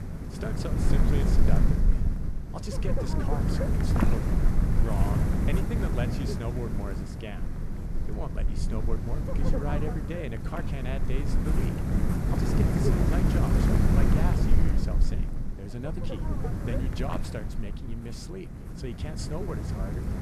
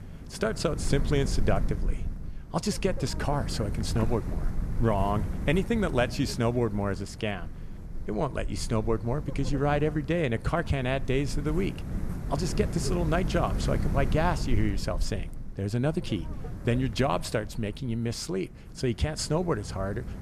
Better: second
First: wind noise on the microphone; heavy; 3 dB above the speech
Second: wind noise on the microphone; occasional gusts; 15 dB below the speech

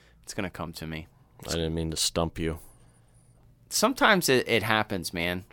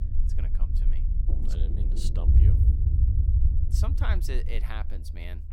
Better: first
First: none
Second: low rumble; loud; throughout; 2 dB below the speech

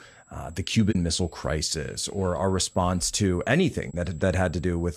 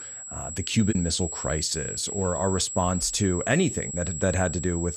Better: first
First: high-pitched whine; faint; throughout; 7.5 kHz, 30 dB below the speech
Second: high-pitched whine; loud; throughout; 7.5 kHz, 6 dB below the speech

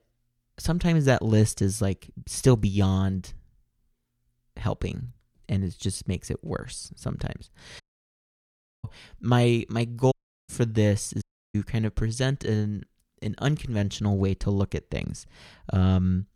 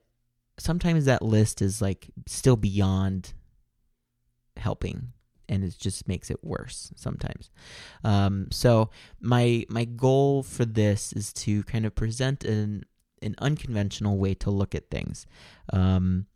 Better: second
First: audio cutting out; at 8 s for 1 s, at 10 s and at 11 s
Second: none

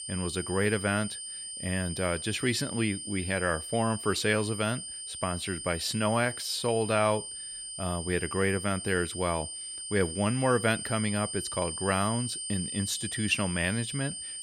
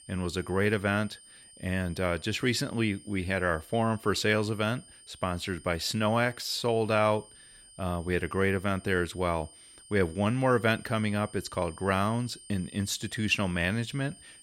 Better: second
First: high-pitched whine; loud; throughout; 9 kHz, 6 dB below the speech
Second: high-pitched whine; faint; throughout; 9 kHz, 20 dB below the speech

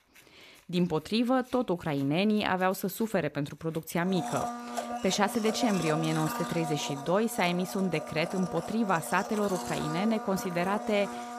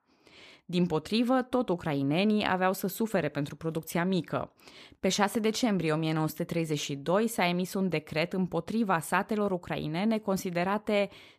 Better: second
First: household noises; loud; throughout; 8 dB below the speech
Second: none

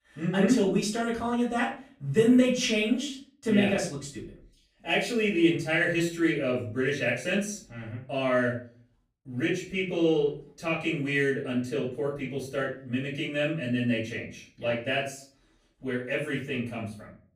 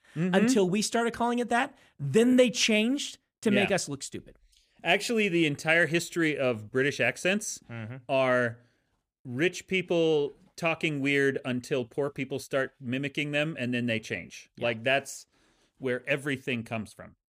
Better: second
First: off-mic speech; far // room echo; slight; dies away in 0.4 s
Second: none

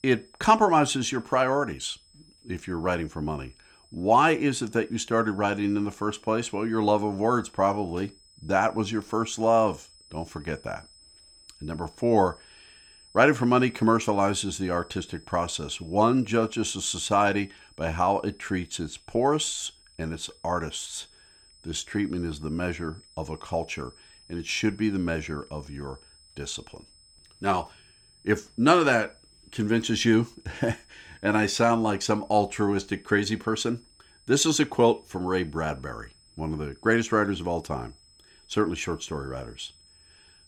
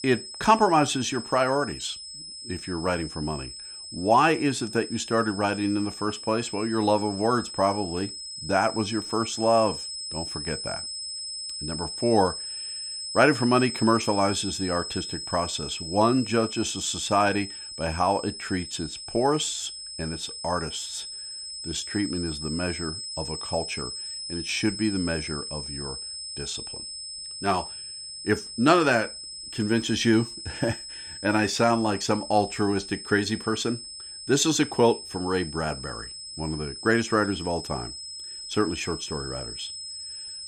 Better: first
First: high-pitched whine; faint; throughout; 5 kHz, 30 dB below the speech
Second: high-pitched whine; loud; throughout; 5 kHz, 9 dB below the speech

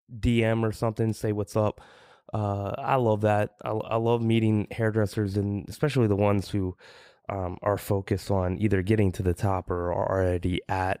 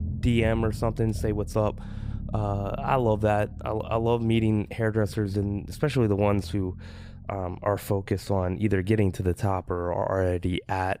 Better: first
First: none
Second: low rumble; faint; throughout; 20 dB below the speech

